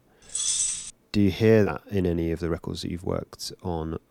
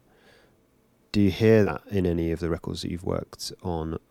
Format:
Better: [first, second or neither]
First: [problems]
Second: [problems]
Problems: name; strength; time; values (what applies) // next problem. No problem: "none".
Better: second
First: jangling keys; loud; at 0.5 s; peak 3 dB above the speech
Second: none